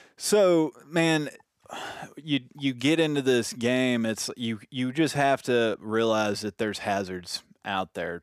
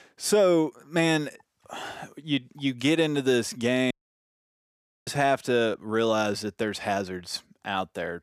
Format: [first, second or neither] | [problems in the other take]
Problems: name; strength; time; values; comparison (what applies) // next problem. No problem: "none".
first | audio cutting out; at 4 s for 1 s